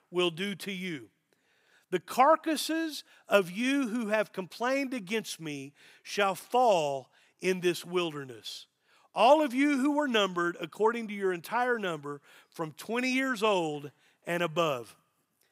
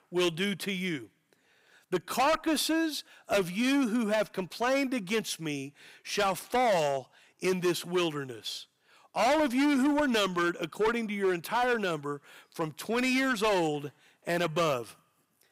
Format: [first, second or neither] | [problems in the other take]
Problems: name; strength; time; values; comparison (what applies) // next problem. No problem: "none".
first | distortion; heavy; 10% of the sound clipped